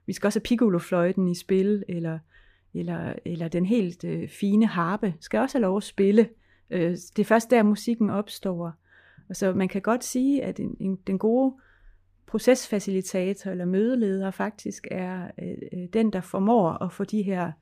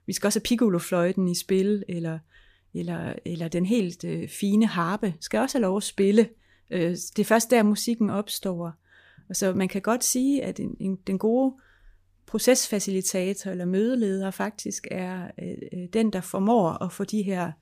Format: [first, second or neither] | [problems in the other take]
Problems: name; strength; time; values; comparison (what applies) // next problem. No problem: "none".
second | muffled; slightly; fading above 3.5 kHz